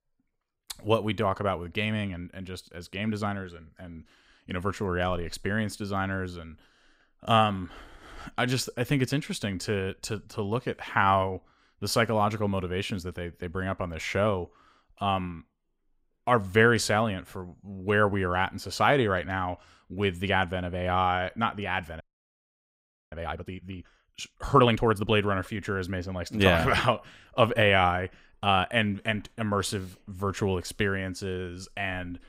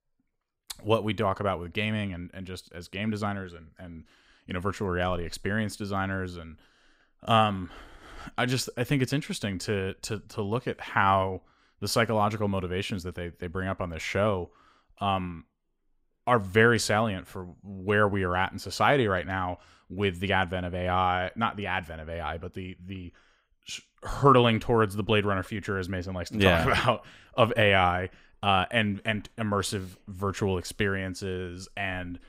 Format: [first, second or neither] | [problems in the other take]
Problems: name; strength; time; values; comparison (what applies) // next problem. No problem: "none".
second | audio freezing; at 22 s for 1 s